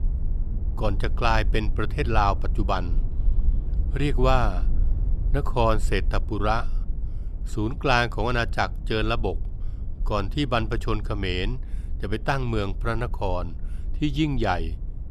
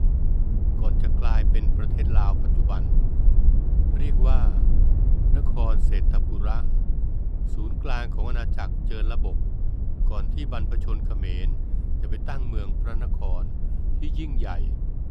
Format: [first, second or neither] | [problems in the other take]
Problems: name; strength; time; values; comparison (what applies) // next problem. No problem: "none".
first | low rumble; loud; throughout; 4 dB below the speech; faint in the first